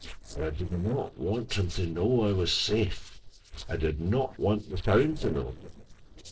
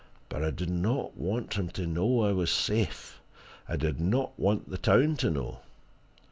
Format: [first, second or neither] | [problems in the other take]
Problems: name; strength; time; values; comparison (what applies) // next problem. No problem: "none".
second | noise reduction (neural separator model SepFormer DNS4)